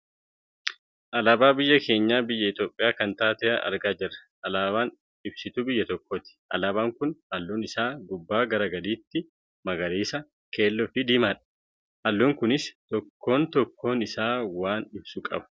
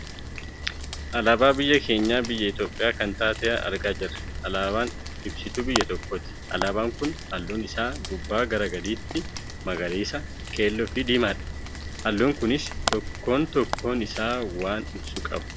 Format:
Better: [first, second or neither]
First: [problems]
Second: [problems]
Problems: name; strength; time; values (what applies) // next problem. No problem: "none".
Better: first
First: none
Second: background sound (Rain); 7 dB below the speech